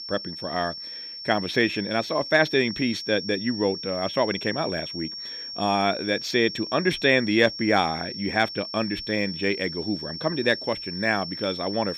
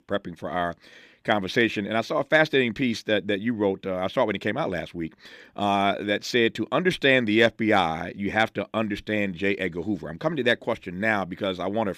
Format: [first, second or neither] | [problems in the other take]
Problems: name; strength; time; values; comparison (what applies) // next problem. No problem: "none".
second | high-pitched whine; loud; throughout; 5.5 kHz, 8 dB below the speech